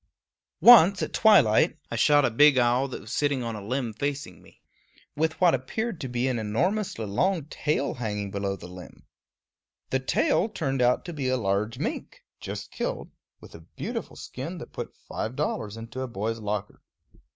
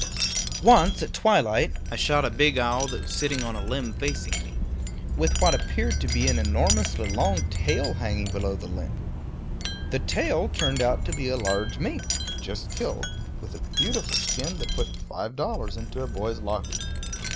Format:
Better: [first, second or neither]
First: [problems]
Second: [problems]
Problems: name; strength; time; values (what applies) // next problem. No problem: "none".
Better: first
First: none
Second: background sound (Wind chime); as loud as the speech